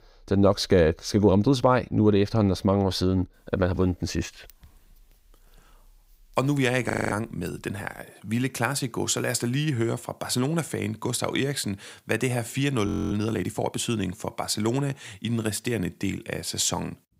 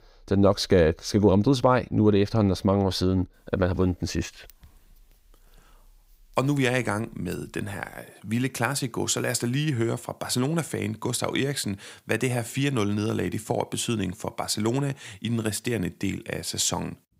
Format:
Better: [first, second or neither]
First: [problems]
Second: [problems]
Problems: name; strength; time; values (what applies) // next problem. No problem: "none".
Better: second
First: audio freezing; at 7 s and at 13 s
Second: none